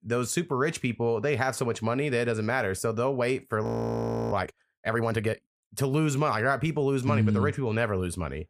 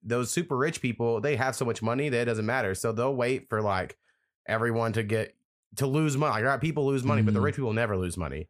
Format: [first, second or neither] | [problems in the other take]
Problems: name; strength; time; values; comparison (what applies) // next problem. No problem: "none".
second | audio freezing; at 3.5 s for 0.5 s